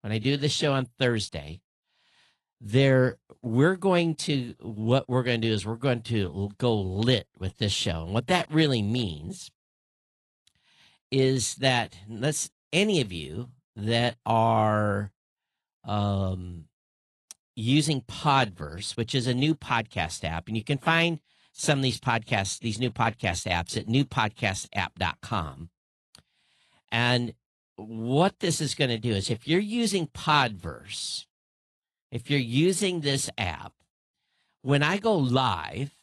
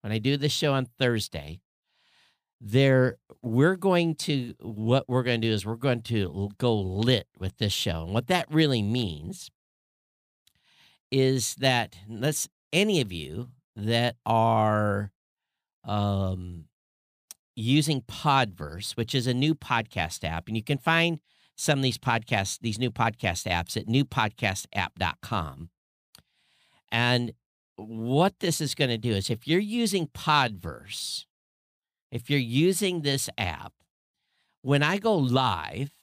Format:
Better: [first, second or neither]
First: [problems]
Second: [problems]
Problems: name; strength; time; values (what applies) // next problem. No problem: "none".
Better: second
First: garbled, watery; slightly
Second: none